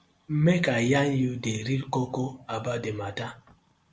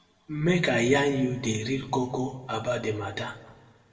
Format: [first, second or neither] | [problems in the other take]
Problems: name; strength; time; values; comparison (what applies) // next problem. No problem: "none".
first | room echo; dies away in 1 s